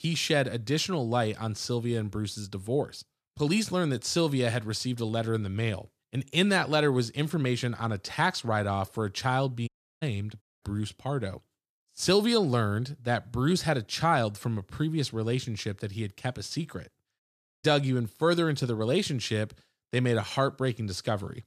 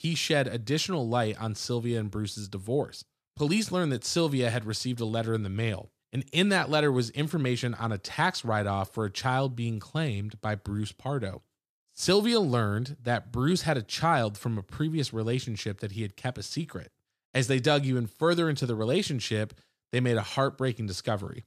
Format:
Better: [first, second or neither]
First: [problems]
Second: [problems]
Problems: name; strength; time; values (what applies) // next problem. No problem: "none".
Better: second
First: audio cutting out; at 9.5 s, at 10 s and at 17 s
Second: none